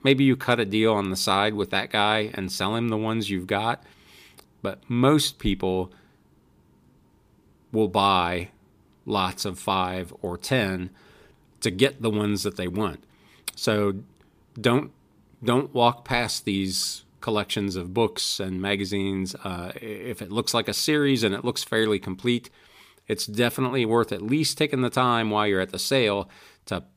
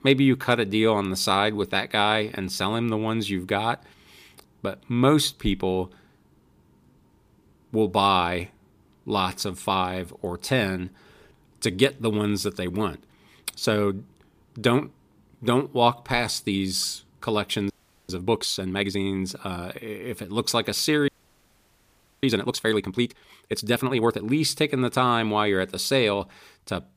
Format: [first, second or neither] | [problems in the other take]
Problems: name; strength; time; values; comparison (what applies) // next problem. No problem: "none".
first | audio freezing; at 18 s and at 21 s for 1 s